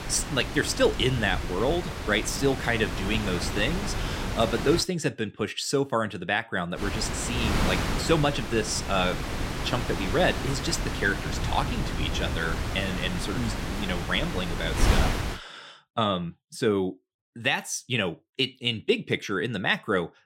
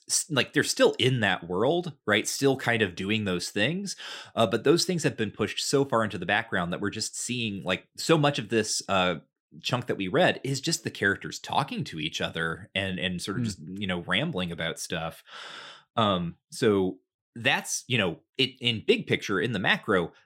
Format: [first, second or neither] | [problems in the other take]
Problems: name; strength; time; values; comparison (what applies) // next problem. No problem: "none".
second | wind noise on the microphone; heavy; until 5 s and from 7 to 15 s; 5 dB below the speech